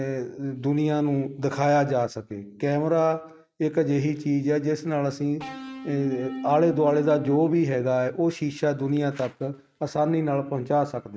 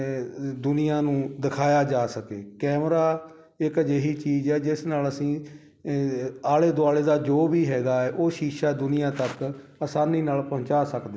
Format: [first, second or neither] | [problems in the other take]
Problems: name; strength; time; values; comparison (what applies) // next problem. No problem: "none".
second | noise reduction (neural mask model RNNoise)